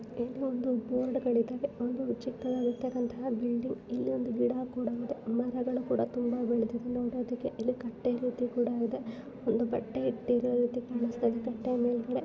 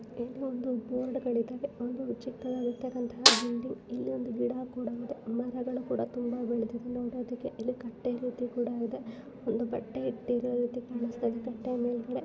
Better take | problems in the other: first | background sound (Snare drum); 5 dB above the speech

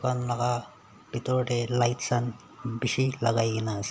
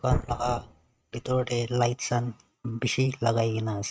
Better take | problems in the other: first | noise reduction (neural mask model RNNoise)

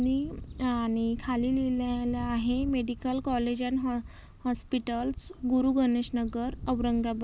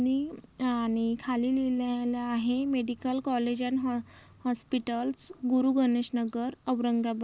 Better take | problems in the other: second | background sound (Wind / Bird); 13 dB below the speech

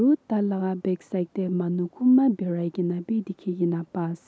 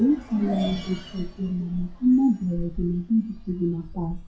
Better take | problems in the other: first | noise reduction (classical method WPE with log-MMSE)

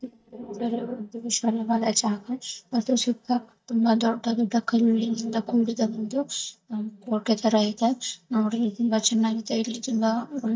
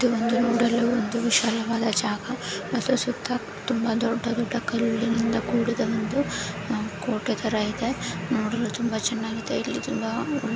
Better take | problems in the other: second | noise reduction (neural mask model DeepFilterNet 3)

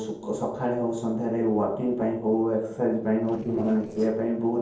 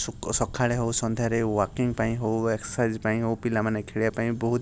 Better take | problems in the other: second | noise reduction (neural separator model SepFormer DNS4)

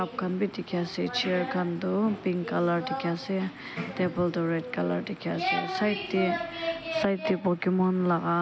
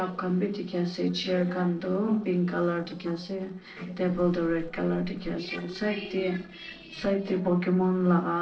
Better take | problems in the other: first | noise reduction (neural separator model SepFormer DNS4)

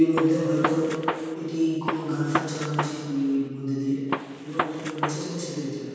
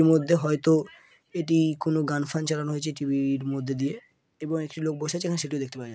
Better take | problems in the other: second | background sound (Gunshot, gunfire); 6 dB below the speech // room echo; dies away in 2.1 s

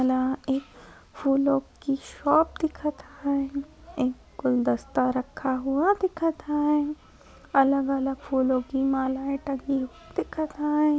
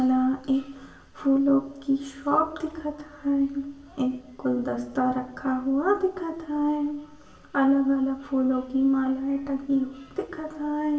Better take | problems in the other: first | room echo; dies away in 0.7 s

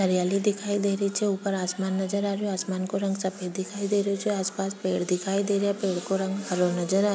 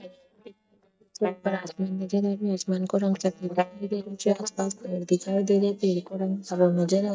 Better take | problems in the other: first | noise reduction (neural mask model DeepFilterNet 3)

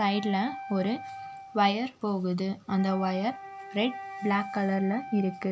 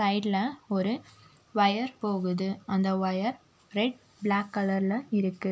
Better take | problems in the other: second | background sound (Wind instrument, woodwind instrument); 12 dB below the speech

